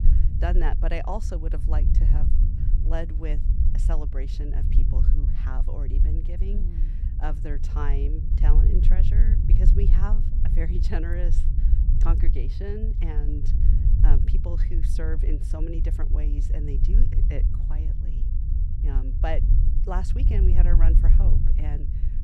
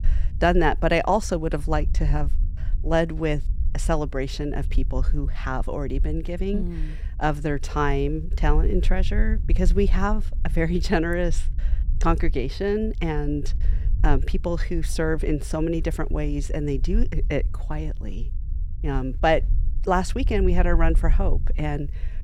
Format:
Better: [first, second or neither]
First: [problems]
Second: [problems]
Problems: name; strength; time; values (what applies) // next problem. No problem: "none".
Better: second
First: low rumble; loud; throughout; 5 dB below the speech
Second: low rumble; faint; throughout; 25 dB below the speech